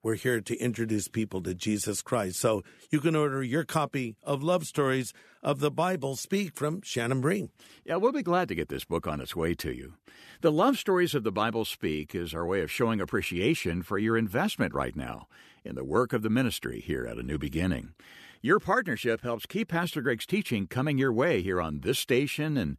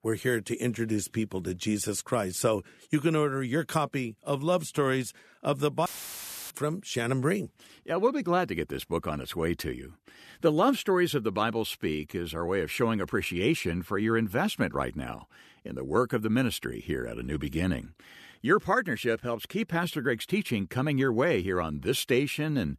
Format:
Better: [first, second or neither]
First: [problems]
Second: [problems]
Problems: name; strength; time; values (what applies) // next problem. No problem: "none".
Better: first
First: none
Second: audio cutting out; filled with static; at 6 s for 0.5 s